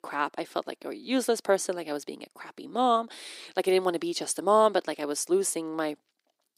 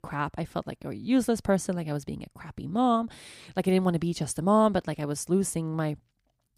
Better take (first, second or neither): second